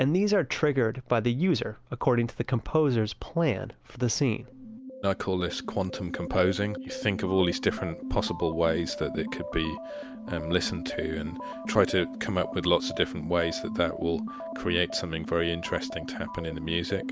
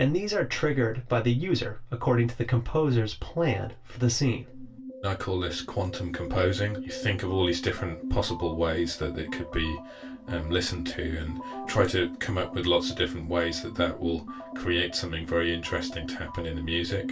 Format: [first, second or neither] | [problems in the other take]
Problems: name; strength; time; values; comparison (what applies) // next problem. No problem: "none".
first | background sound (Wind instrument, woodwind instrument); 16 dB below the speech // room echo; dies away in 0.2 s